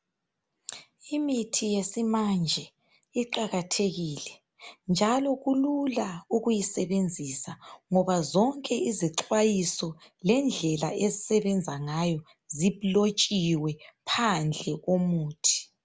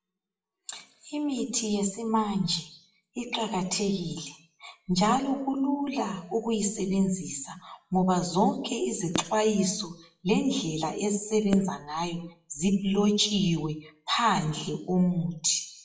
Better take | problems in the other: first | noise reduction (classical method WPE with log-MMSE)

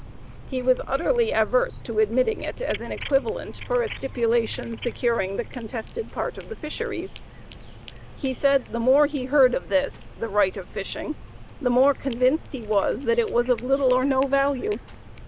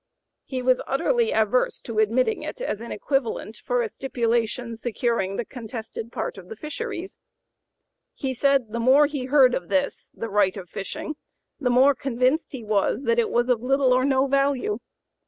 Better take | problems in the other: second | background sound (Cat); 14 dB below the speech

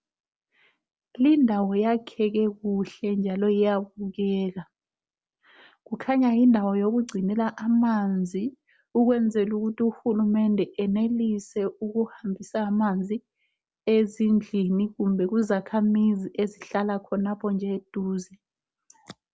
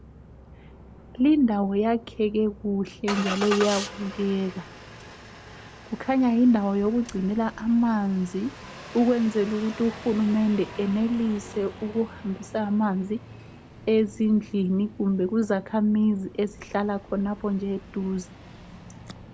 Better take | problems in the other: first | background sound (Engine starting); 15 dB below the speech

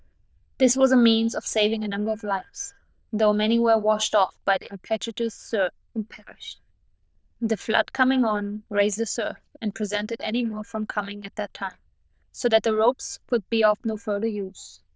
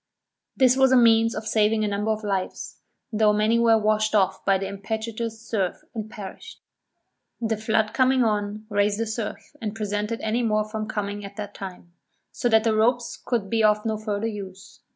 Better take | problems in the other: second | noise reduction (neural diffusion model UNIVERSE++)

